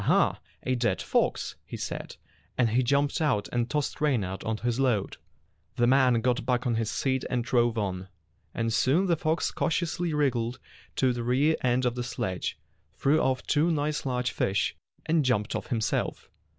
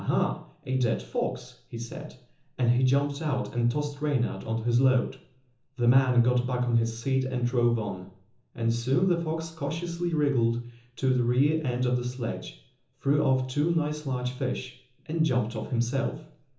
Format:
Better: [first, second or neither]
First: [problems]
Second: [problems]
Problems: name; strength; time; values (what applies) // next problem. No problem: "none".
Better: first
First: none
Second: room echo; dies away in 0.7 s